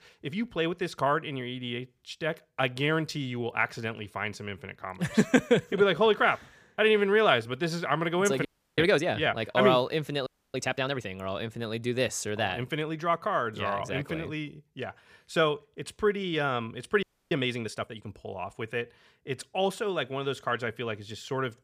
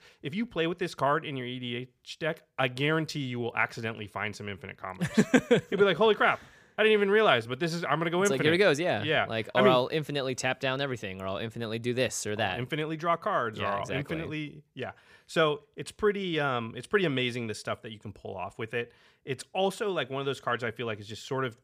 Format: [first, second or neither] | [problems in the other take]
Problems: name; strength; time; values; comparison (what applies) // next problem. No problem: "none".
second | audio freezing; at 8.5 s, at 10 s and at 17 s